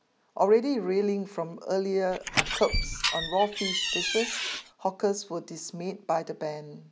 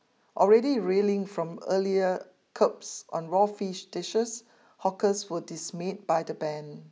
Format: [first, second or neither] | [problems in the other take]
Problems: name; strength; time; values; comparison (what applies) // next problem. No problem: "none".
second | background sound (Door); 1 dB below the speech